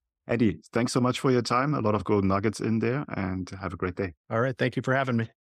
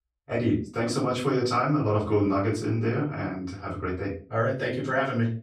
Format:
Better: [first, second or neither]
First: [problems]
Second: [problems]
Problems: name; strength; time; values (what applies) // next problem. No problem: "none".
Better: first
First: none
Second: room echo; slight; dies away in 0.3 s // off-mic speech; far